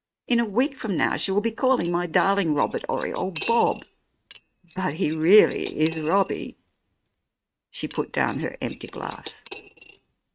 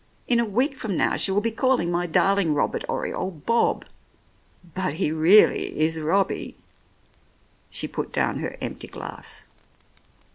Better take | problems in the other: second | noise reduction (neural mask model RNNoise)

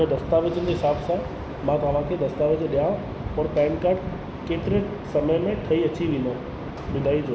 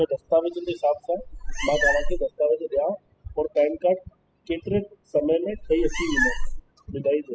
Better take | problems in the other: first | noise reduction (classical method spectral subtraction)

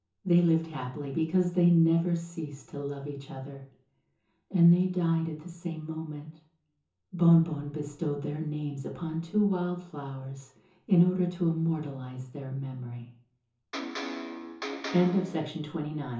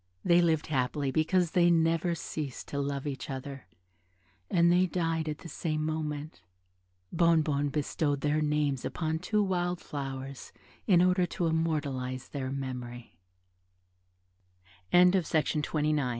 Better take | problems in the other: second | background sound (Electric guitar); 8 dB below the speech // room echo; dies away in 0.6 s

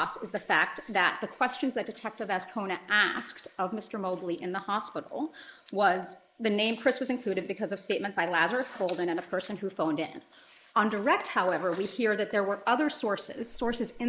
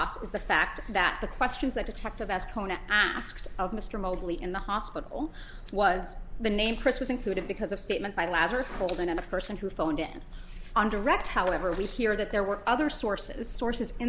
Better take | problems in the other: second | noise reduction (neural mask model Resemble Enhance denoiser)

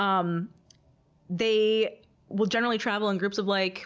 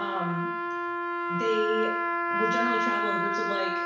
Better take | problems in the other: first | background sound (Trumpet); 4 dB above the speech // room echo; dies away in 0.7 s

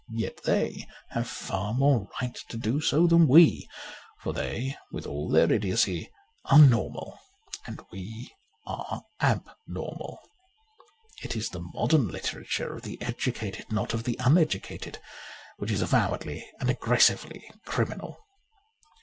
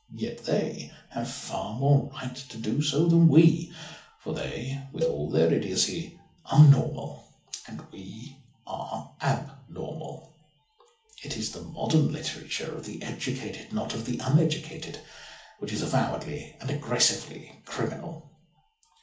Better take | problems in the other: first | background sound (Cowbell); 8 dB below the speech // room echo; dies away in 0.4 s

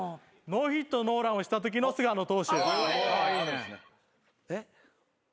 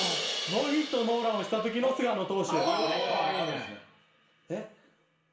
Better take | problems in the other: first | background sound (Crash cymbal); 9 dB below the speech // room echo; dies away in 0.5 s

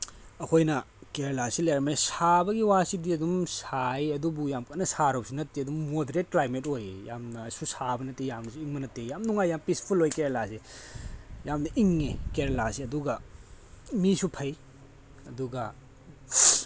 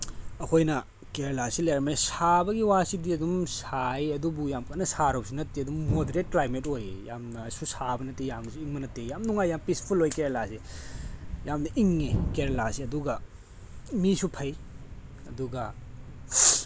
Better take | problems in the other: first | background sound (Thump, thud); 10 dB below the speech

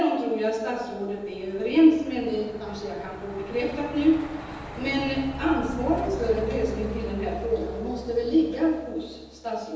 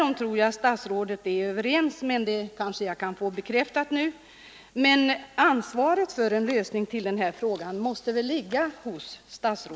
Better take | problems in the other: second | background sound (Truck); 13 dB below the speech // room echo; dies away in 1.1 s

